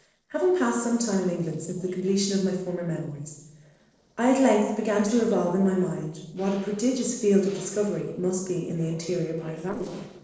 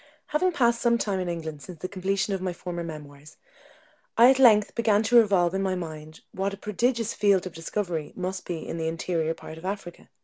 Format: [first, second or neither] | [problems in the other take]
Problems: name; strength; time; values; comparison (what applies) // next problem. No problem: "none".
second | noise reduction (neural separator model SepFormer DNS4)